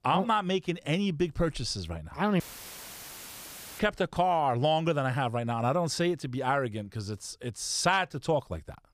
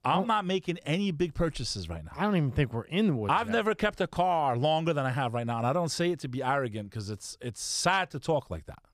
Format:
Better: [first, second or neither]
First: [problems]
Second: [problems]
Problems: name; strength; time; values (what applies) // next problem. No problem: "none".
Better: second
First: audio cutting out; filled with static; at 2.5 s for 1.5 s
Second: none